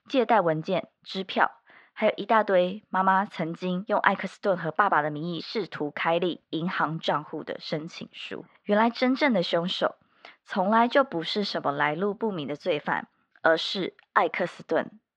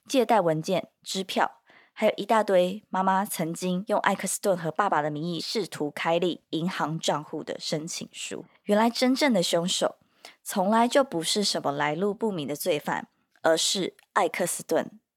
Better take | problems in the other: second | muffled; slightly; fading above 4 kHz

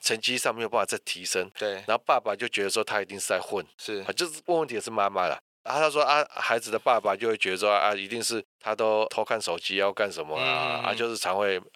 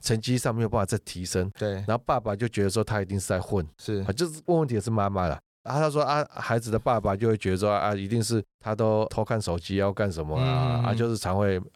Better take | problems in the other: second | thin; very; fading below 500 Hz

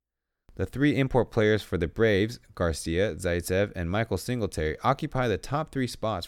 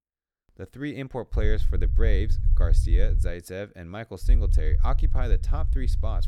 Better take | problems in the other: first | low rumble; noticeable; from 1.5 to 3.5 s and from 4 s on; 10 dB below the speech

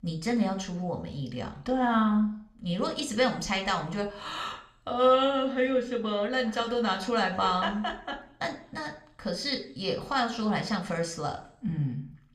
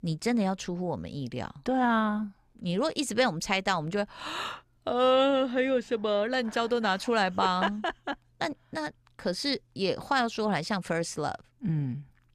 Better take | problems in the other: second | room echo; very slight; dies away in 0.4 s

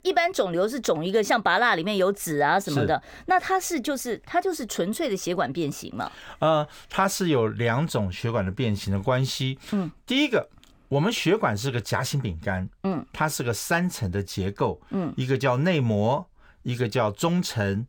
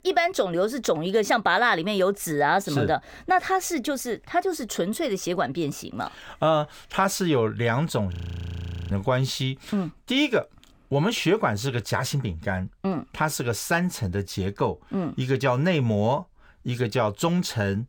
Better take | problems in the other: first | audio freezing; at 8 s for 1 s

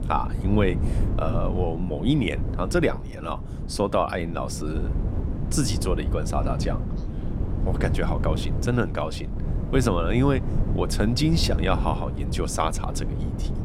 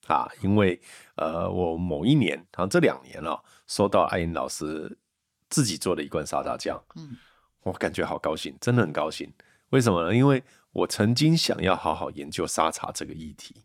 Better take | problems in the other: second | wind noise on the microphone; occasional gusts; 10 dB below the speech

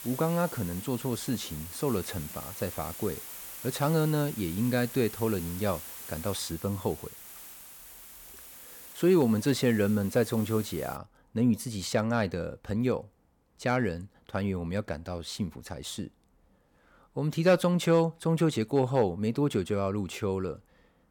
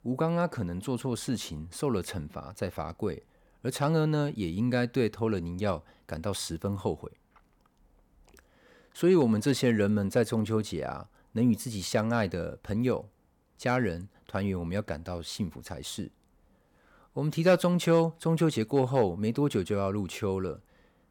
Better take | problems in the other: second | hiss; noticeable; until 11 s; 10 dB below the speech

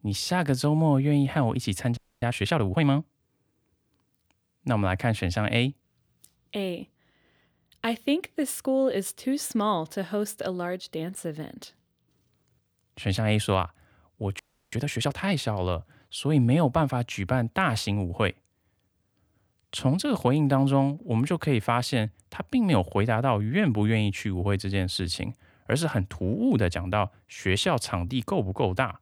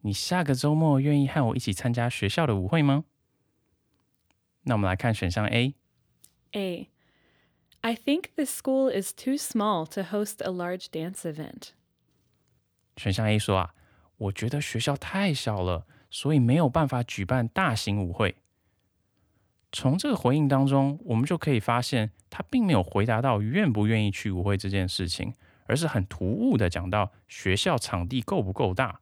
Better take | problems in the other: second | audio freezing; at 2 s and at 14 s

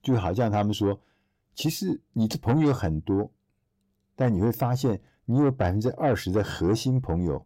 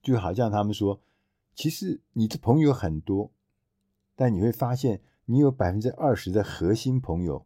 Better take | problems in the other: second | distortion; slight; 10 dB below the speech

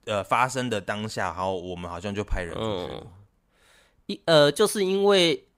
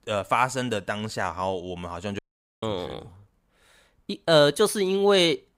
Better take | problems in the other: first | audio cutting out; at 2 s

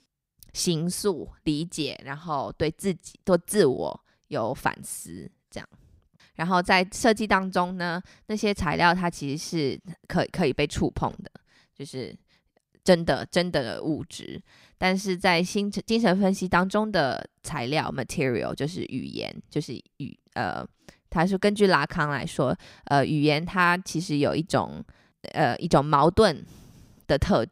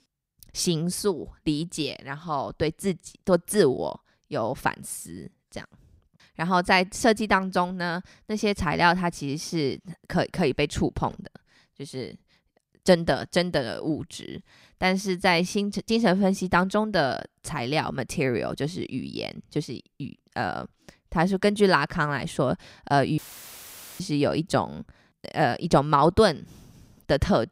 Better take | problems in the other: first | audio cutting out; filled with static; at 23 s for 1 s

